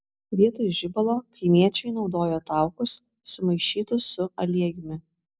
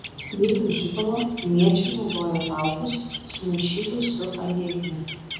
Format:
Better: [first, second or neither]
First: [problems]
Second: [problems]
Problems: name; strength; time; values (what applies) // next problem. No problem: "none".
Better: first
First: none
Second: background sound (Bird); 11 dB below the speech // room echo; dies away in 0.9 s